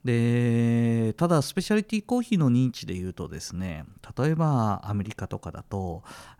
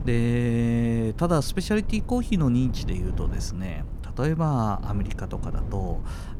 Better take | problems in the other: first | wind noise on the microphone; occasional gusts; 15 dB below the speech

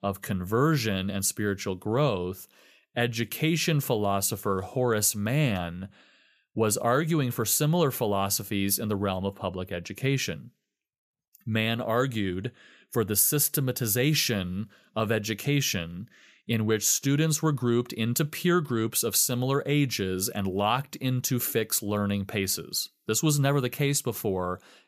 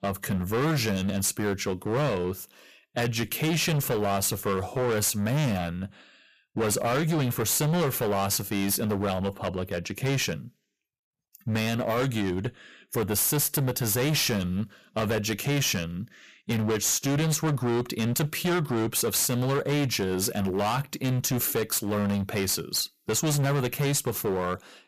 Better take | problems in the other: first | distortion; heavy; 20% of the sound clipped

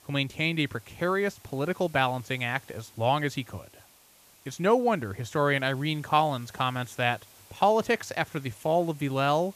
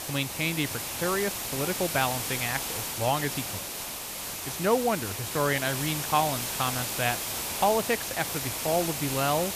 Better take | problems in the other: first | hiss; loud; throughout; 2 dB below the speech; faint in the first

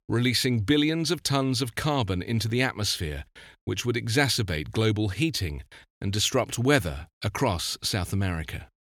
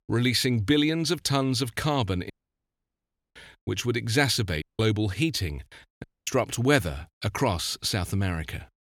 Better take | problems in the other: first | audio cutting out; at 2.5 s for 1 s, at 4.5 s and at 6 s

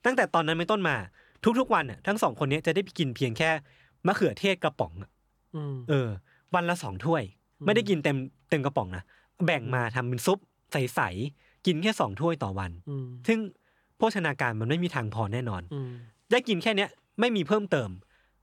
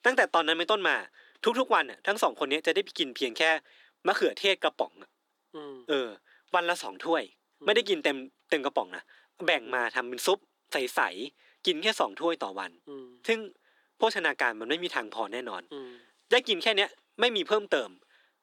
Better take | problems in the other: first | thin; somewhat; fading below 300 Hz

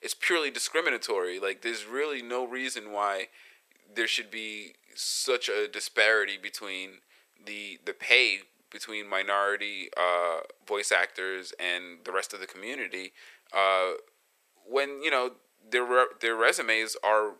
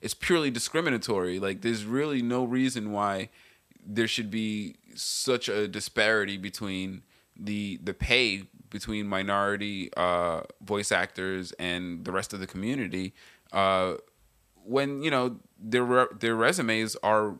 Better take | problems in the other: second | thin; very; fading below 400 Hz

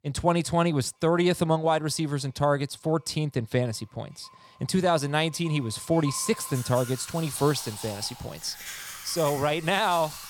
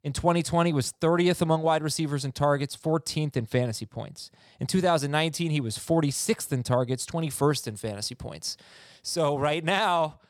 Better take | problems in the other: second | household noises; noticeable; throughout; 15 dB below the speech

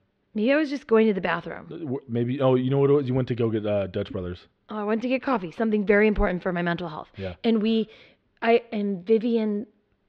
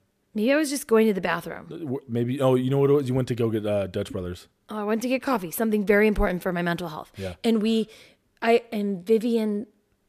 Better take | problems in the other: second | muffled; slightly; fading above 4 kHz

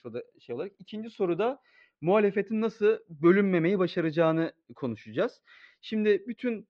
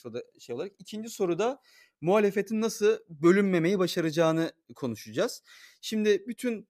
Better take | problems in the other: second | muffled; slightly; fading above 3.5 kHz

